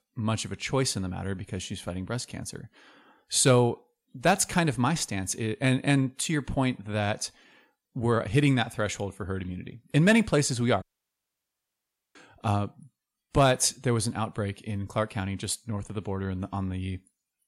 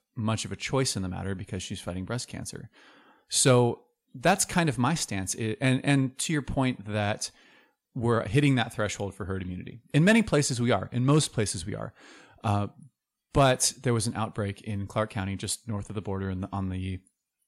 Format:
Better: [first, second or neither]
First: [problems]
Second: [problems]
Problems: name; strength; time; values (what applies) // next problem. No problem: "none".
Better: second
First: audio cutting out; at 11 s for 1.5 s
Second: none